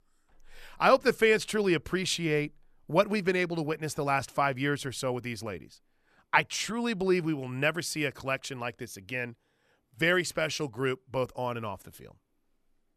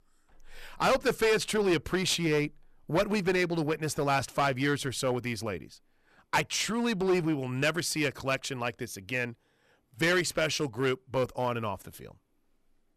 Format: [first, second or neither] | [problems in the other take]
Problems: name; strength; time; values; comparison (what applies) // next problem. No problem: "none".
first | distortion; heavy; 7% of the sound clipped